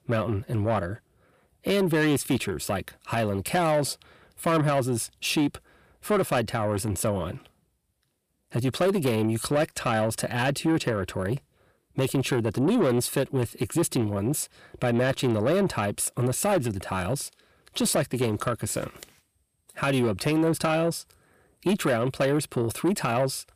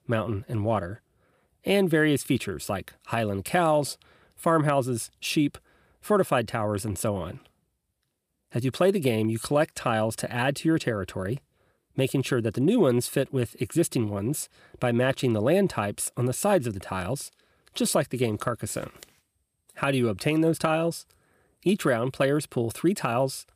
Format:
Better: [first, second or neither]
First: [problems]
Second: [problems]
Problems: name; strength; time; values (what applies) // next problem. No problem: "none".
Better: second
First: distortion; slight; 10 dB below the speech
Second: none